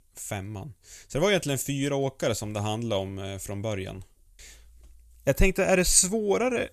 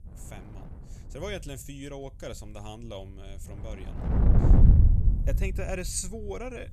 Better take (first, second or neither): first